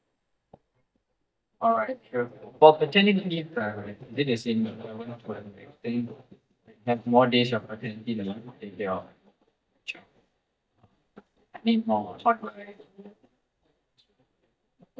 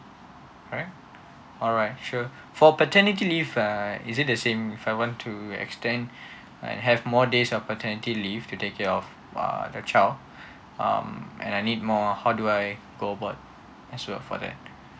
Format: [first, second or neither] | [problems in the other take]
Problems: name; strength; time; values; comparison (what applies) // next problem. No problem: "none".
second | noise reduction (neural mask model DeepFilterNet 3)